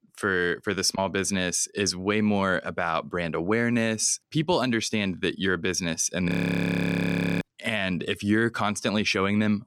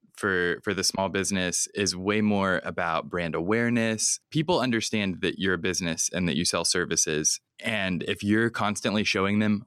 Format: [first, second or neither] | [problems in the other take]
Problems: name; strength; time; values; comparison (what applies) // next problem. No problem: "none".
second | audio freezing; at 6.5 s for 1 s